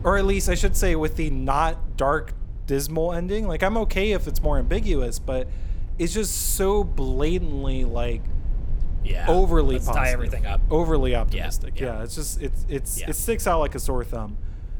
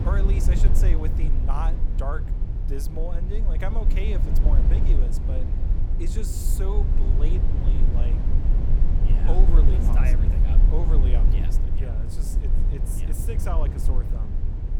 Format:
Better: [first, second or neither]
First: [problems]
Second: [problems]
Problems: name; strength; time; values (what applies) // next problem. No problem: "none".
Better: first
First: low rumble; faint; throughout; 20 dB below the speech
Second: low rumble; loud; throughout; 2 dB below the speech